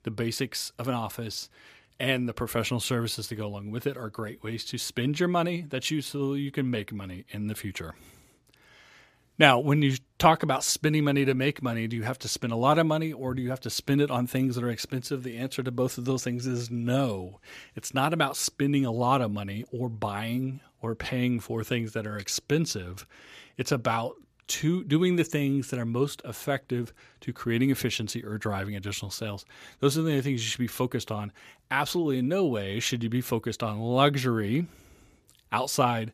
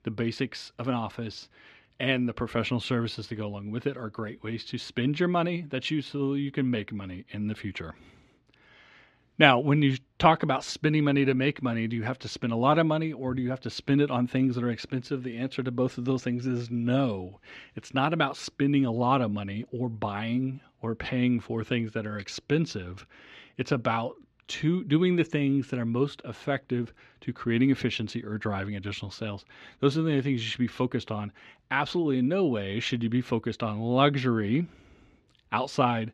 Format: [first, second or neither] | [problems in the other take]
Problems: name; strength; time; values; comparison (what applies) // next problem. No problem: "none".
first | muffled; slightly; fading above 3 kHz